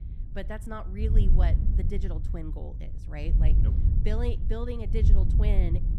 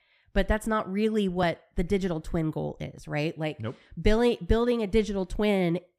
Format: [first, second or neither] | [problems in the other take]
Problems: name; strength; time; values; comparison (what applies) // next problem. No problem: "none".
second | wind noise on the microphone; heavy; 4 dB below the speech